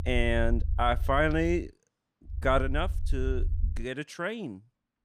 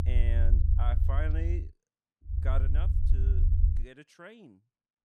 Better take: first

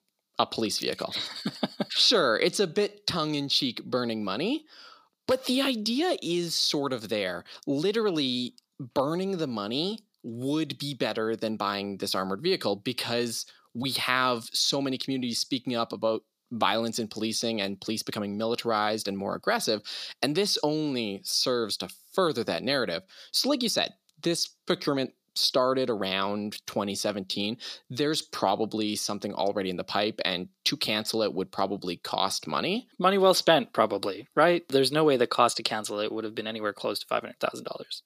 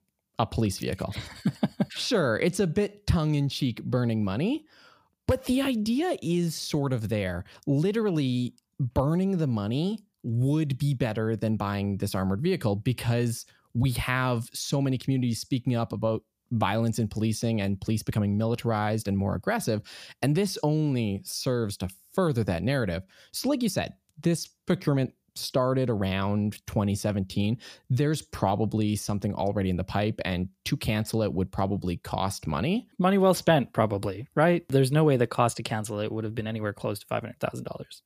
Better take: second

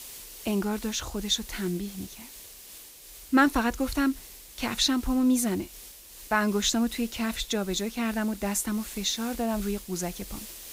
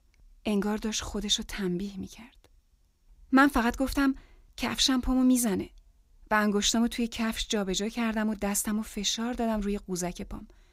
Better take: second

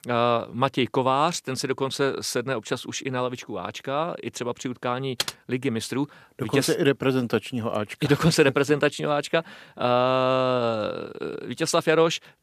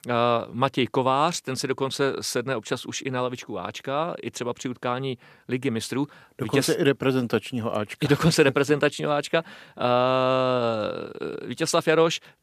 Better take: second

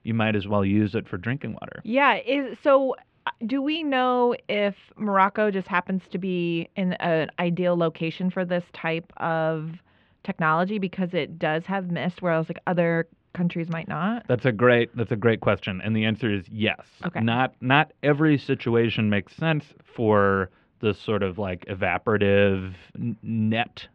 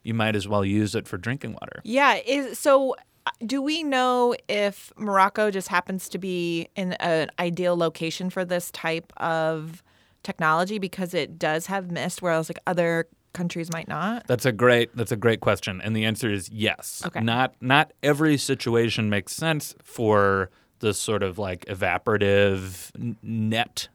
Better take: second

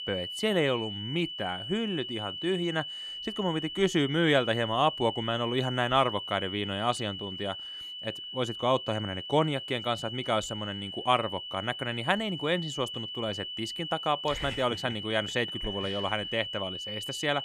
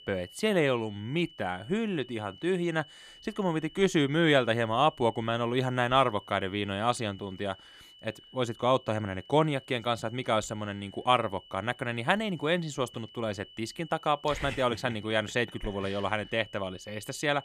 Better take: second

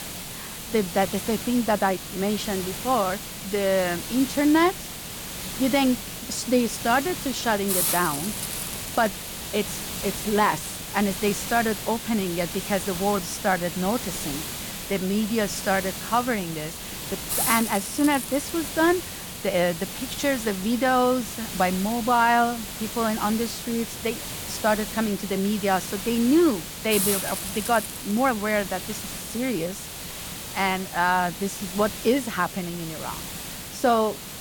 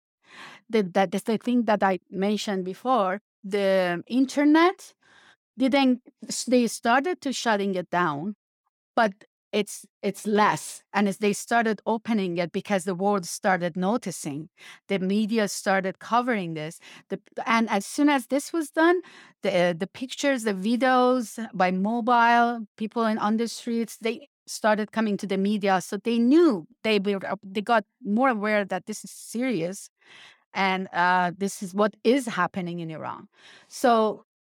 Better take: second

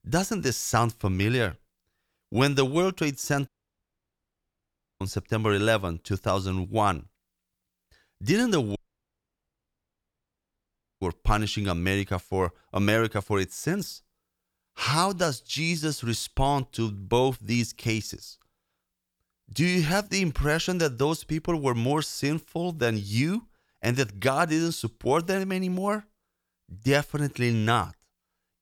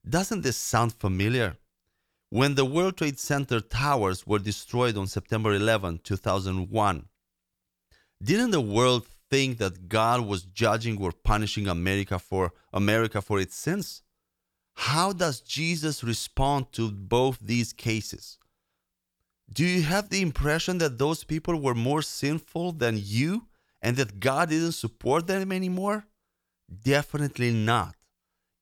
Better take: second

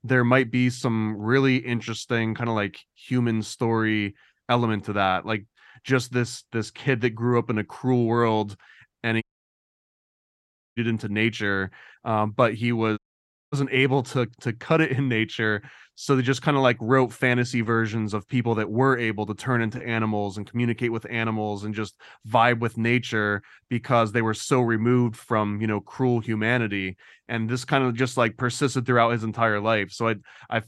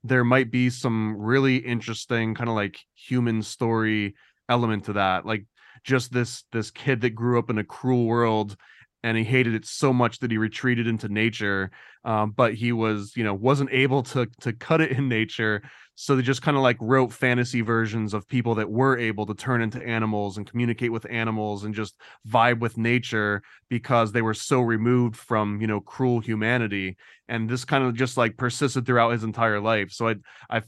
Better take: second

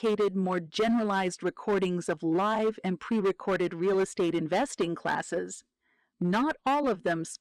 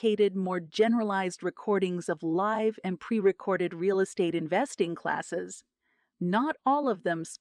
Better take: second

